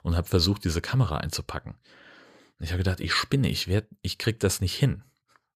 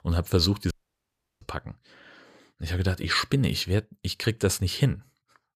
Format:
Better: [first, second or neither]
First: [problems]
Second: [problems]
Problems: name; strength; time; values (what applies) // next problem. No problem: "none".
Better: first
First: none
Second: audio cutting out; at 0.5 s for 0.5 s